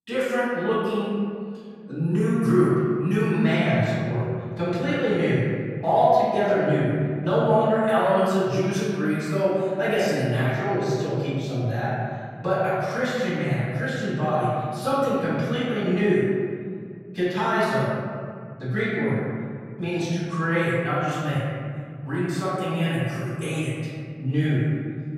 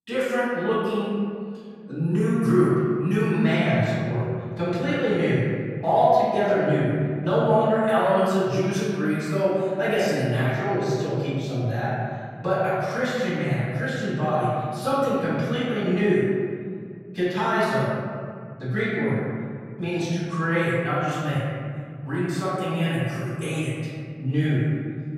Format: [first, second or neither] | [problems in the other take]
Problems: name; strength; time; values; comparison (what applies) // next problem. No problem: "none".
neither | off-mic speech; far; the same in both // room echo; strong; dies away in 2.3 s; the same in both